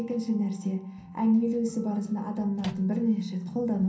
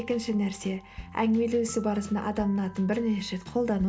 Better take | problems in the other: second | background sound (Microwave oven); 17 dB below the speech // room echo; dies away in 0.6 s

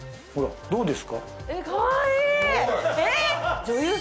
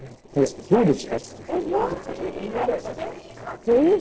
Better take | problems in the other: first | noise reduction (neural separator model SepFormer DNS4)

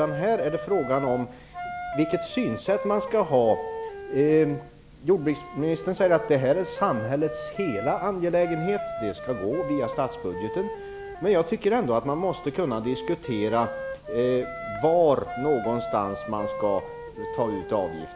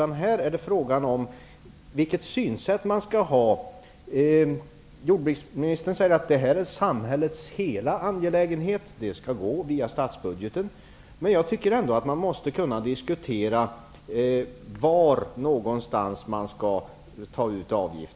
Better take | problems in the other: second | background sound (Wind instrument, woodwind instrument); 10 dB below the speech

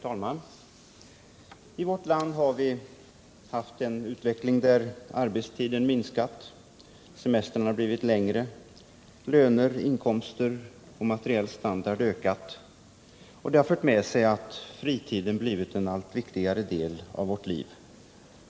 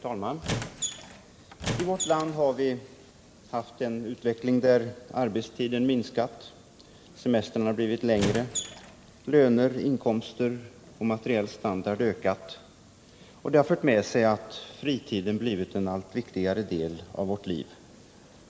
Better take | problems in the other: first | background sound (Squeak); 6 dB below the speech

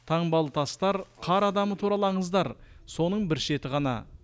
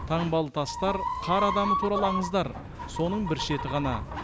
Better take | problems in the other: first | background sound (Chicken, rooster); 4 dB below the speech

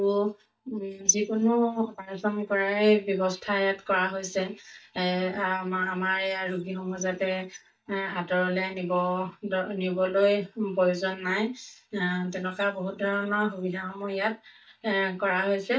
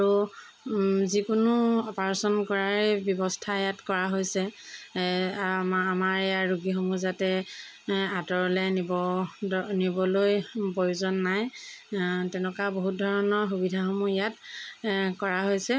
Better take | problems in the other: second | noise reduction (neural mask model DeepFilterNet 3)

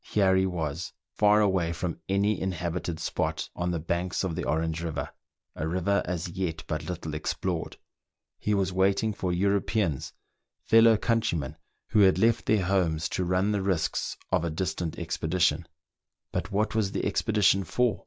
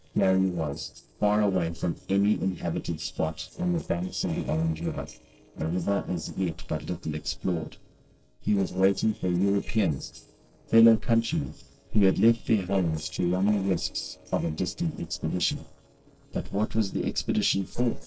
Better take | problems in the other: first | noise reduction (neural separator model SepFormer DNS4)

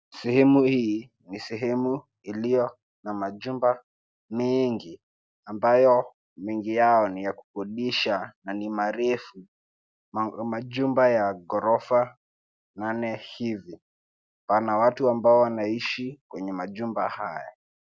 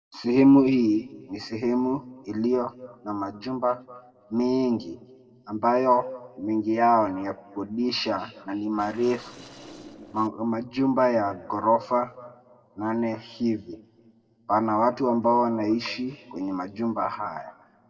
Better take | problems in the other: first | noise reduction (neural separator model SepFormer DNS4)

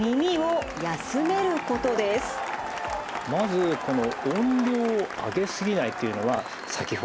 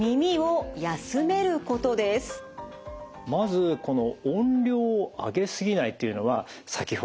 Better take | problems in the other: second | background sound (Applause / Cheering); 7 dB below the speech

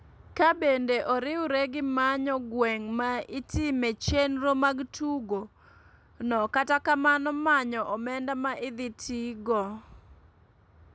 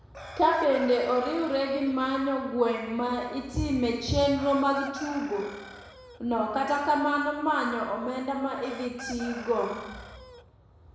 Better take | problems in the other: first | background sound (Chicken, rooster); 18 dB below the speech // room echo; dies away in 1 s

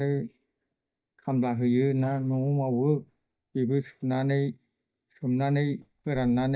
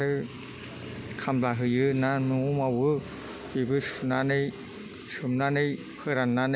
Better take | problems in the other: second | noise reduction (neural mask model DeepFilterNet 3)

